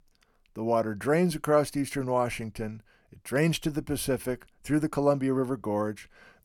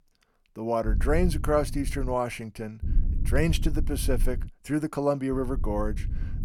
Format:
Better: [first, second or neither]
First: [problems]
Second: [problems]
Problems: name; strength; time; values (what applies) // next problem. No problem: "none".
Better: first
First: none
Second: low rumble; noticeable; from 1 to 2 s, from 3 to 4.5 s and from 5.5 s on; 20 dB below the speech